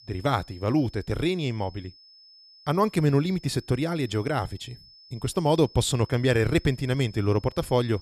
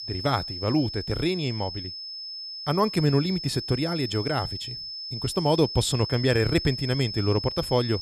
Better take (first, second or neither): first